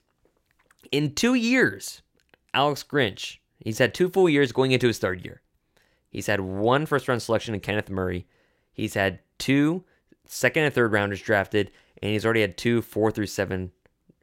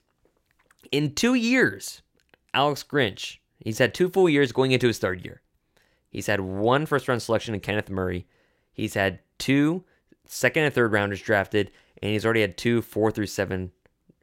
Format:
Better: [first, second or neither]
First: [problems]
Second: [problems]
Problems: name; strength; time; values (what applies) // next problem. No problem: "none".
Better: neither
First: none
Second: none